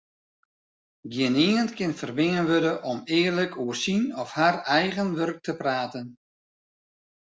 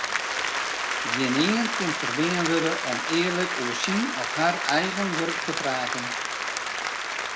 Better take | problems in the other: first | background sound (Applause); as loud as the speech

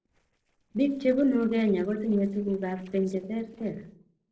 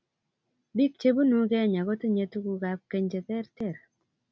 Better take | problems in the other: second | noise reduction (neural separator model SepFormer DNS4)

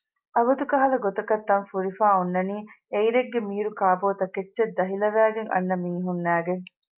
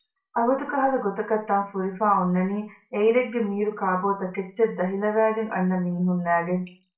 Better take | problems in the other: first | room echo; dies away in 0.3 s

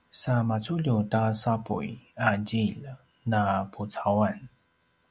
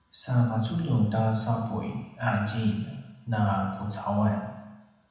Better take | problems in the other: first | room echo; dies away in 1.1 s

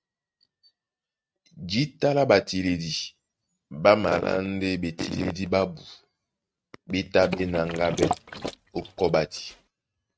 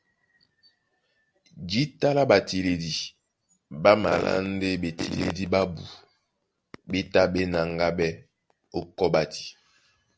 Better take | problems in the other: second | noise reduction (neural mask model RNNoise)

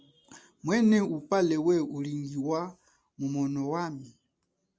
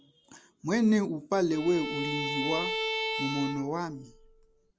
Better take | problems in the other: first | background sound (Bowed string instrument); 4 dB below the speech

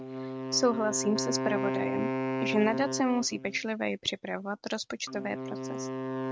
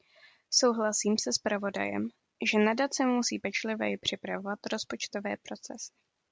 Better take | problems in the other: second | noise reduction (neural mask model RNNoise)

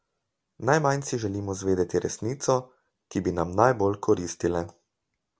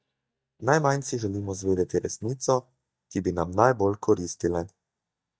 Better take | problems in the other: first | noise reduction (neural mask model DeepFilterNet 3)

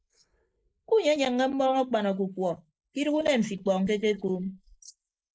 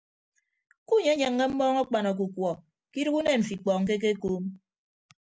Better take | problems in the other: second | noise reduction (neural mask model Resemble Enhance denoiser)

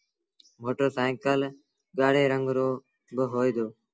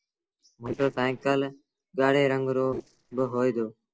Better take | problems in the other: first | noise reduction (neural separator model SepFormer DNS4)

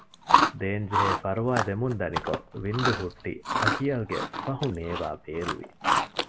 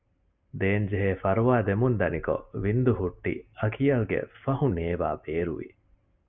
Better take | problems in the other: second | background sound (Chewing, mastication); 2 dB above the speech

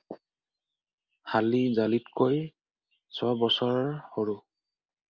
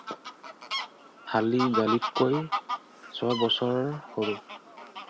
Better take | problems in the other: first | background sound (Fowl); 6 dB below the speech

